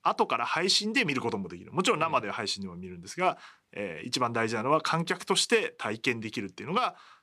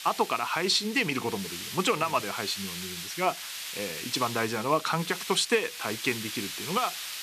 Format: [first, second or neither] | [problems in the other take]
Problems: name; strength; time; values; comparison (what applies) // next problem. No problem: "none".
first | hiss; loud; throughout; 7 dB below the speech